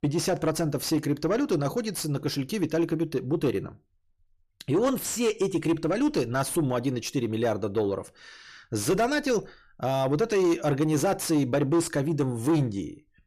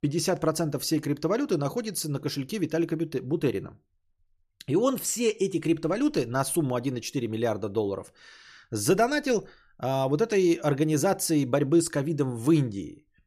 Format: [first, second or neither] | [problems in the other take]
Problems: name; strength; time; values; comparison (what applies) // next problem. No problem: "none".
second | distortion; slight; 10 dB below the speech